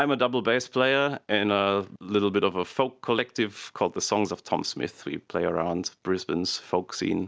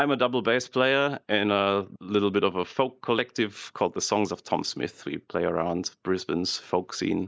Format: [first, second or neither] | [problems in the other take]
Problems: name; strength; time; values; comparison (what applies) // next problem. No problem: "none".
first | noise reduction (neural mask model Resemble Enhance denoiser)